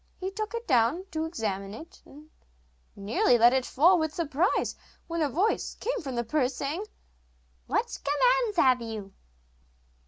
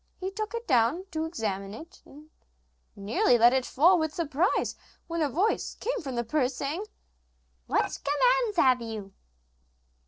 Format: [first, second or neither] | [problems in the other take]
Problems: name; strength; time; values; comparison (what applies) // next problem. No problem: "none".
first | noise reduction (neural separator model SepFormer DNS4)